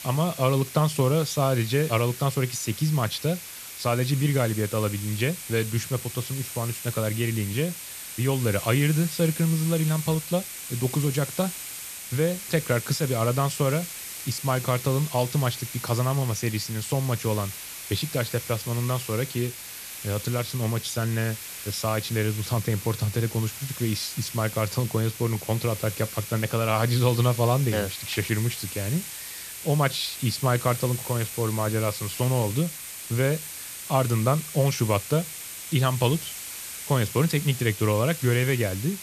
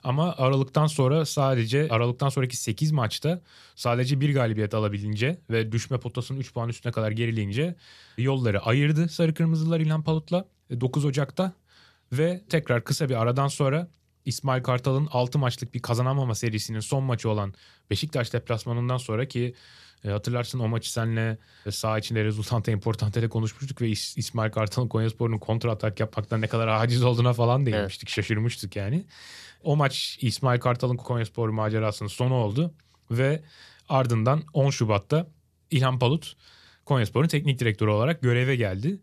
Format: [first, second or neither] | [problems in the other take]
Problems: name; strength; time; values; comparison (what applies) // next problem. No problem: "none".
second | hiss; loud; throughout; 9 dB below the speech